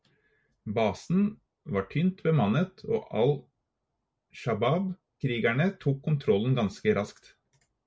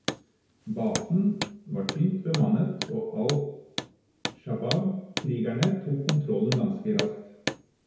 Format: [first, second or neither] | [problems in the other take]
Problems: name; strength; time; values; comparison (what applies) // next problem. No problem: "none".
first | background sound (Hammer); 9 dB below the speech // room echo; dies away in 1 s